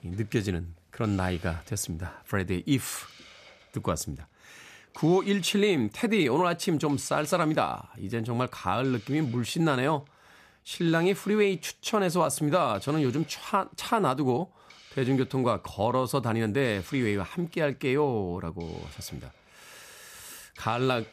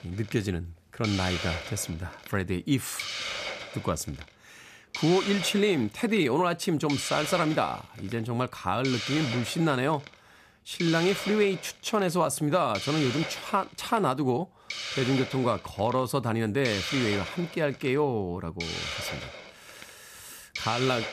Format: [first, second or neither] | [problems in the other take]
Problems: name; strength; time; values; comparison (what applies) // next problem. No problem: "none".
first | hiss; loud; throughout; 6 dB below the speech; faint in the first